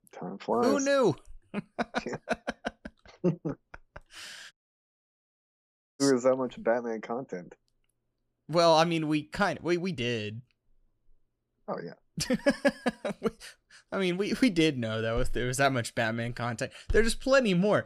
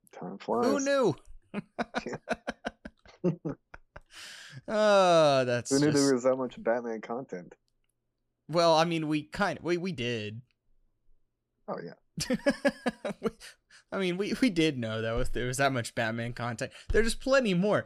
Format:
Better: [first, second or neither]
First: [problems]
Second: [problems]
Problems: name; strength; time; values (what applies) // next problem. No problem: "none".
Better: second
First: audio cutting out; at 4.5 s for 1.5 s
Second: none